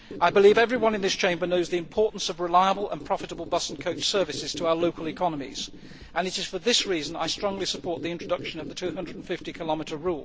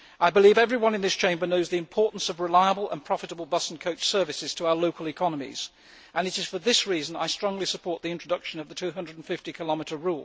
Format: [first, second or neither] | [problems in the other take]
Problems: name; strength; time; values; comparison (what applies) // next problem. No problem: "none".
second | background sound (Squeak); 15 dB below the speech